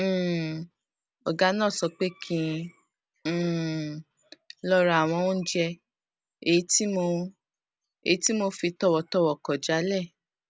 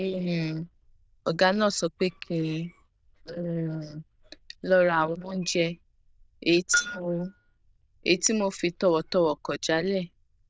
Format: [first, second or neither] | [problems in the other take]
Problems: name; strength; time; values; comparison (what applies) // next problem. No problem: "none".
first | noise reduction (neural diffusion model UNIVERSE++)